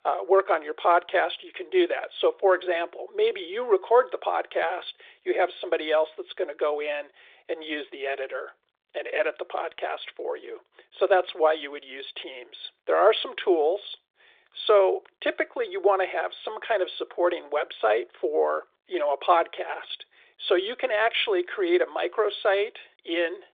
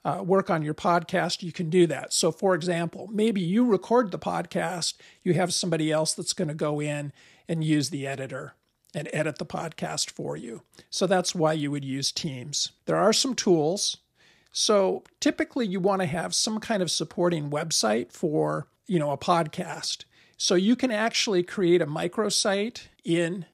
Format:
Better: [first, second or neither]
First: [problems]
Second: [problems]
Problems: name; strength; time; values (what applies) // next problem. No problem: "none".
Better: second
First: phone-call audio; nothing above 3.5 kHz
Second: none